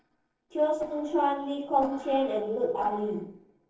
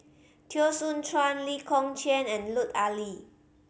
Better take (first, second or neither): second